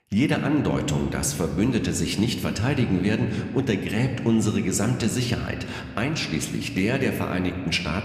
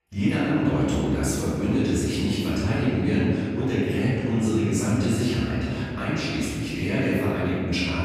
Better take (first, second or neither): first